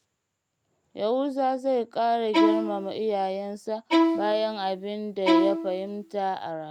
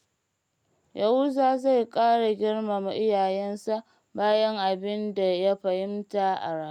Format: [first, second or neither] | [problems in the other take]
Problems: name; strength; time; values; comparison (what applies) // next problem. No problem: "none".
second | background sound (Bowed string instrument); 2 dB above the speech